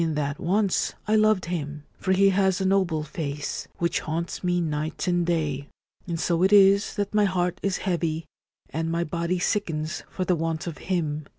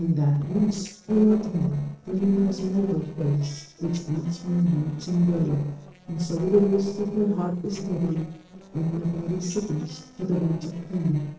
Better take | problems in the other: first | noise reduction (neural separator model SepFormer DNS4)

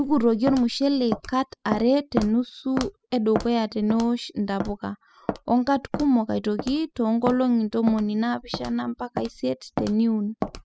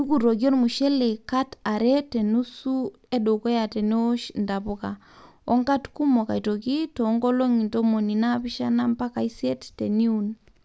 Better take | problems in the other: second | noise reduction (classical method spectral subtraction)

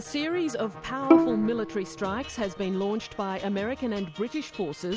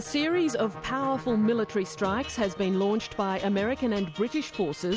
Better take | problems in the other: second | background sound (Bowed string instrument); 3 dB above the speech

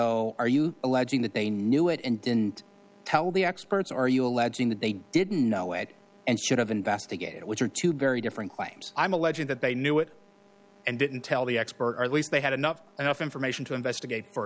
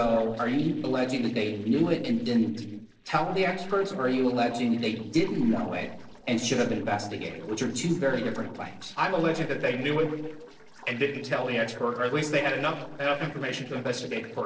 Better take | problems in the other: first | noise reduction (neural separator model SepFormer DNS4)

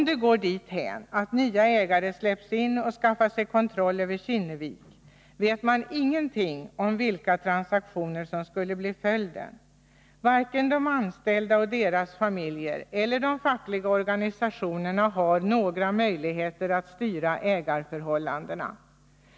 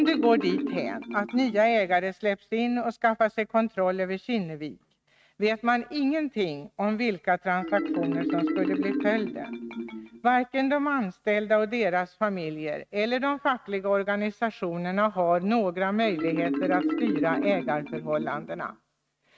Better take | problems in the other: first | noise reduction (neural mask model RNNoise)

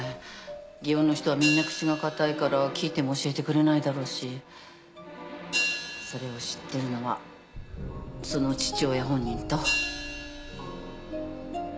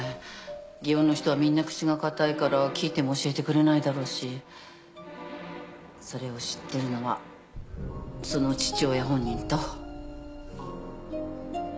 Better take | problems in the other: second | background sound (Hi-hat); 8 dB below the speech

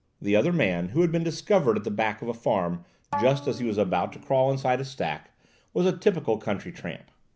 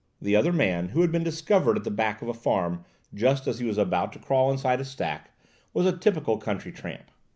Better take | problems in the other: second | background sound (Bowed string instrument); 11 dB below the speech

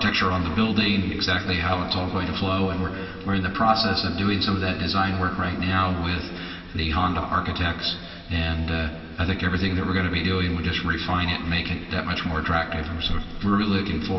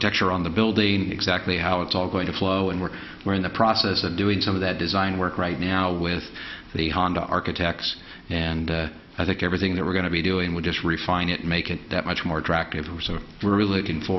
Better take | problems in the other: second | room echo; dies away in 2.4 s

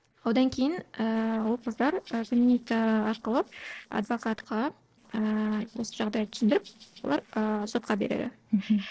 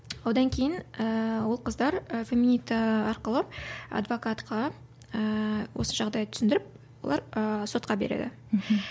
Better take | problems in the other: second | noise reduction (neural separator model SepFormer DNS4)

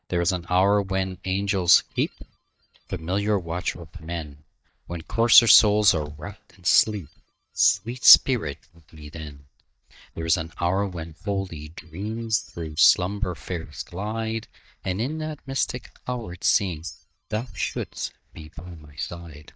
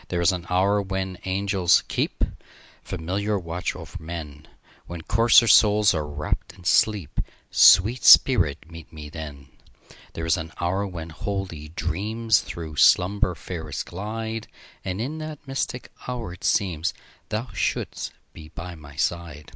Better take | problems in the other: second | noise reduction (neural mask model DeepFilterNet 3)

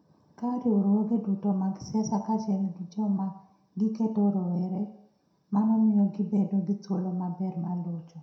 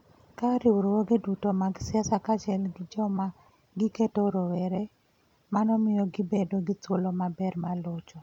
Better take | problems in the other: second | room echo; dies away in 0.5 s

